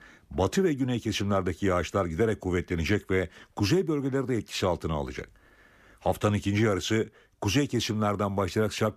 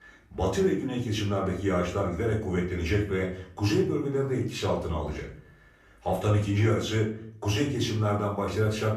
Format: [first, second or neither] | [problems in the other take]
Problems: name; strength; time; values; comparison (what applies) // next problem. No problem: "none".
first | off-mic speech; far // room echo; slight; dies away in 0.5 s